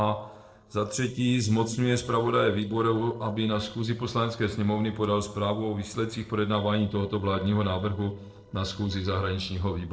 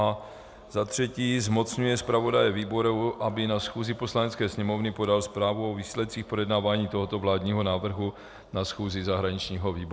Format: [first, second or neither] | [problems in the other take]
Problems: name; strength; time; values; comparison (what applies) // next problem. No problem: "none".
second | noise reduction (neural separator model SepFormer DNS4)